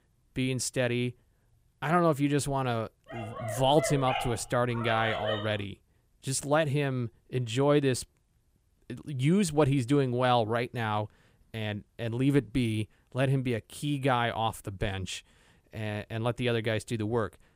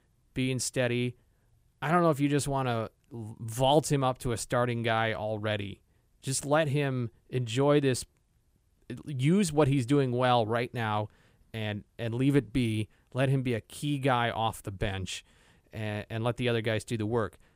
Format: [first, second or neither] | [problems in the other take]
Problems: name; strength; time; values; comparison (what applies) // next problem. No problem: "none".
second | dog barking; noticeable; from 3 to 5.5 s; peak 3 dB below the speech